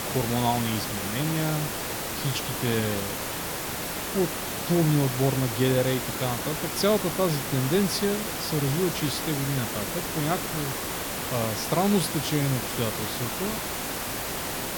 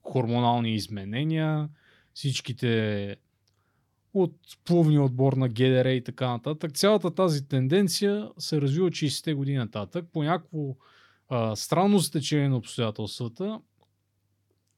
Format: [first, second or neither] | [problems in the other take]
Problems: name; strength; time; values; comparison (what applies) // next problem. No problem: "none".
second | hiss; loud; throughout; 2 dB below the speech